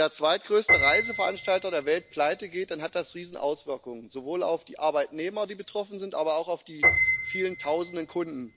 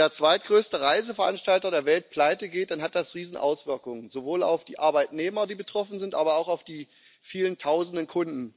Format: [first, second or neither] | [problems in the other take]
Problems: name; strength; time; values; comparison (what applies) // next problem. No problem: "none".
second | background sound (Piano); 2 dB below the speech